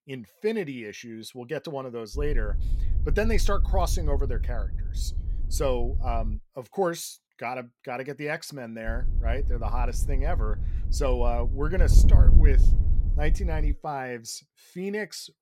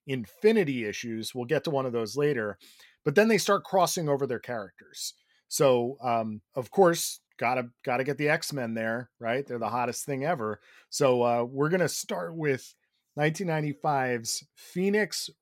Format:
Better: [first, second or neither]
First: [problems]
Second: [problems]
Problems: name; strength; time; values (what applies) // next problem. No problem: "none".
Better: second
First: wind noise on the microphone; occasional gusts; from 2 to 6.5 s and from 9 to 14 s; 15 dB below the speech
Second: none